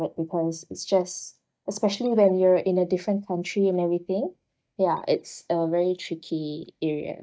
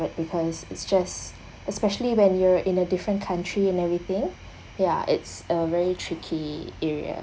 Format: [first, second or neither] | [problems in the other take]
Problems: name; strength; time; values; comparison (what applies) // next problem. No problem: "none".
second | noise reduction (neural mask model DeepFilterNet 3)